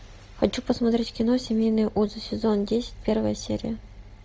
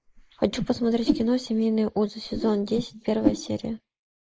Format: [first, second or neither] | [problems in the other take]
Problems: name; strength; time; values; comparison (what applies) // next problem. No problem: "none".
first | noise reduction (neural mask model Resemble Enhance denoiser)